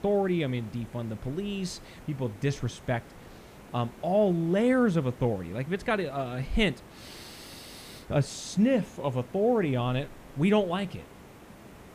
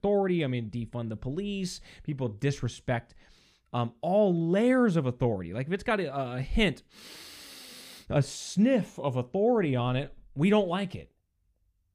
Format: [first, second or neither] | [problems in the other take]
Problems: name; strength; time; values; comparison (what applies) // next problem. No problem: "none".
second | hiss; faint; throughout; 20 dB below the speech